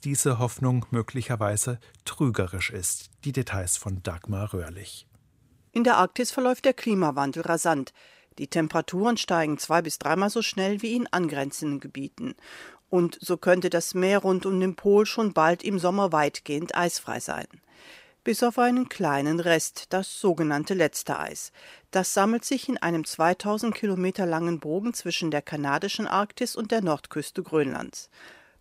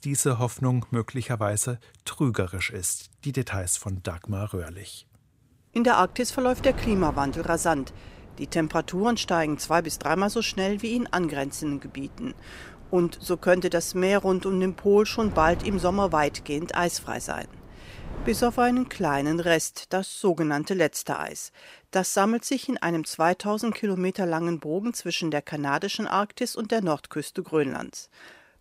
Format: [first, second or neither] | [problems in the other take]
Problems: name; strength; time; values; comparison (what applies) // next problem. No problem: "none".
first | wind noise on the microphone; occasional gusts; from 6 to 20 s; 20 dB below the speech